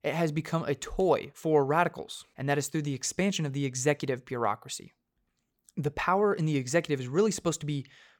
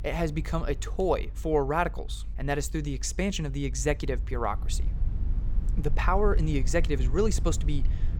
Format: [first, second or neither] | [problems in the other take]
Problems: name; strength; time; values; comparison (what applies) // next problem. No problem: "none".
first | low rumble; faint; throughout; 20 dB below the speech